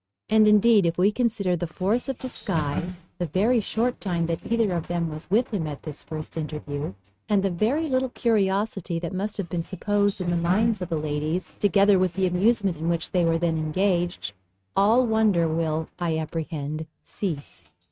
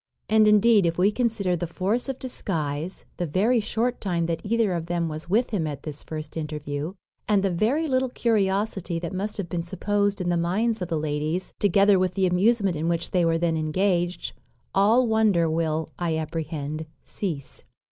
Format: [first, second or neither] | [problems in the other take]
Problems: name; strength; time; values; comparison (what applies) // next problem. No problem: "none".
second | noise reduction (neural mask model RNNoise)